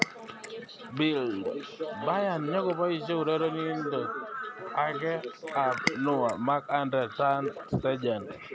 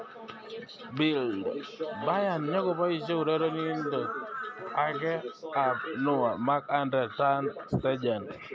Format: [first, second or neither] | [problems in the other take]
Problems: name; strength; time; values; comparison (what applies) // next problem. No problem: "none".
second | background sound (Cat); 13 dB below the speech